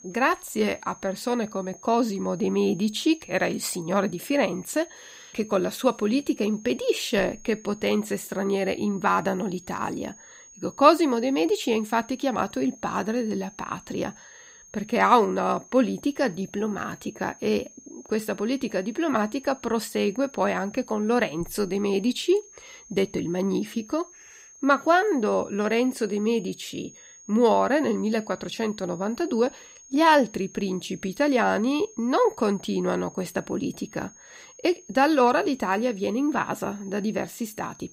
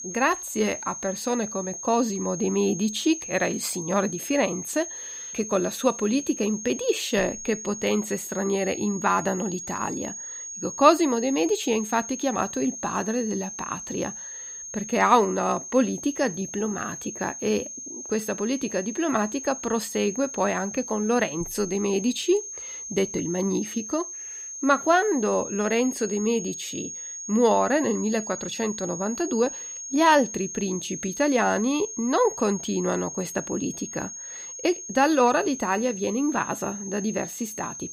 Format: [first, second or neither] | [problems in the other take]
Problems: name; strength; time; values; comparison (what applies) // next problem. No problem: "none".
first | high-pitched whine; loud; throughout; 6.5 kHz, 9 dB below the speech; faint in the first